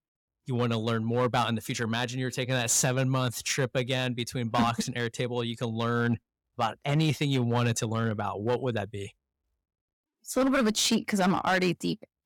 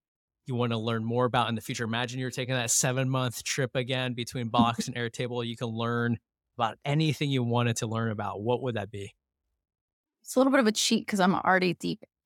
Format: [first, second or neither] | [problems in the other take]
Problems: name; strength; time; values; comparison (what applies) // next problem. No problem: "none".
second | distortion; slight; 4% of the sound clipped